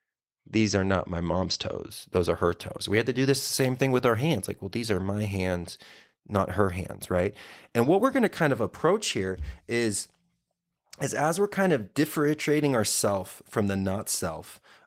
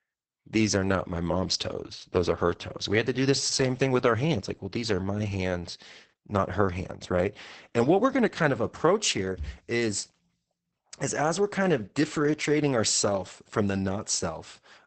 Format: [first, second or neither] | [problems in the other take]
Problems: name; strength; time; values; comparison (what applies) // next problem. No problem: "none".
first | garbled, watery; badly; nothing above 8 kHz; slightly in the first